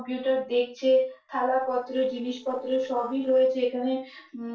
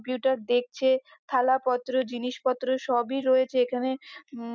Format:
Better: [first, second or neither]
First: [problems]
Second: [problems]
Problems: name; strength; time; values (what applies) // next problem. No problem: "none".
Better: second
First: noise reduction (neural separator model SepFormer DNS4)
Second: none